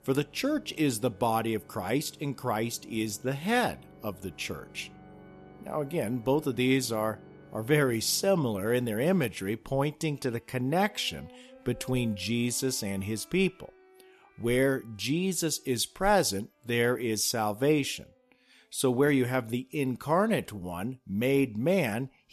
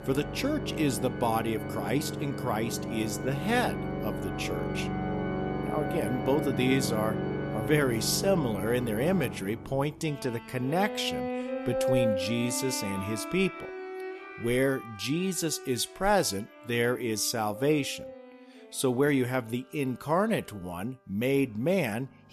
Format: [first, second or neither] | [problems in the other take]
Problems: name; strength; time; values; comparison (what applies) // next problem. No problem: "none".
first | background music; loud; throughout; 5 dB below the speech; faint in the first